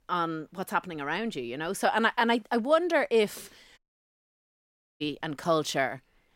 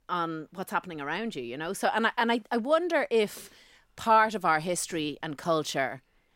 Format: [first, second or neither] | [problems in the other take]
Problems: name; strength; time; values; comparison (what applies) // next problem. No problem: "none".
second | audio cutting out; at 4 s for 1 s